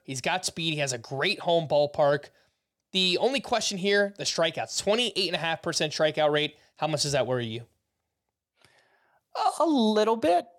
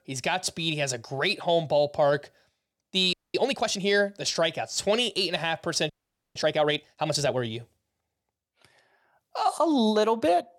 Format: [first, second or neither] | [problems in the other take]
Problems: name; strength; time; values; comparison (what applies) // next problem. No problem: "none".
first | audio freezing; at 3 s and at 6 s